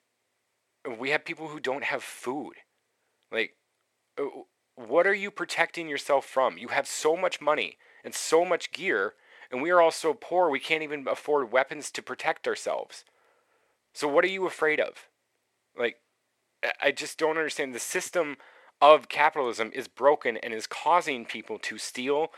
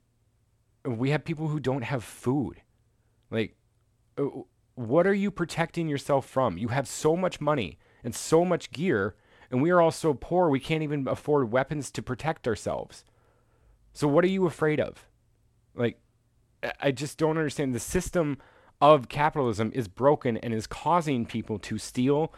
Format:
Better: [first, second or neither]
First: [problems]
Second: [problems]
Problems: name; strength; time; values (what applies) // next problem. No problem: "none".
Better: second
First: thin; somewhat; fading below 550 Hz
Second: none